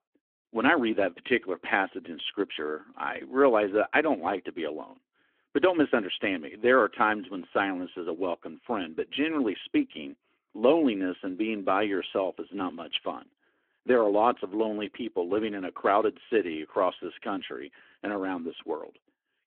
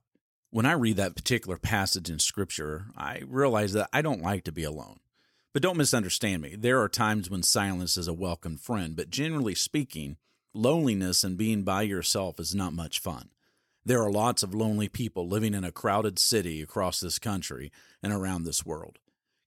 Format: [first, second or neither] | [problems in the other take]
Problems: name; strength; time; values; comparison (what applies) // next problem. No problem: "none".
second | phone-call audio; nothing above 3 kHz